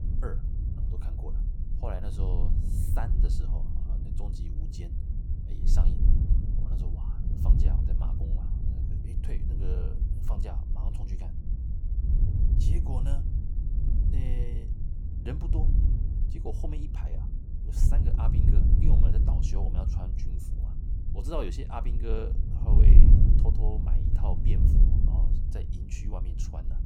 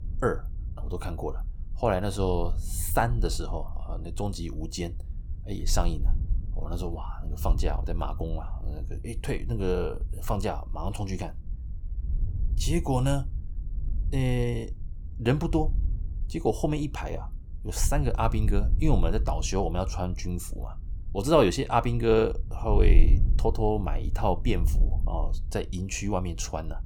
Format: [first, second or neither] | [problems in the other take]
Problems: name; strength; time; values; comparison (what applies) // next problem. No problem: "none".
second | wind noise on the microphone; heavy; 1 dB below the speech; occasional gusts in the second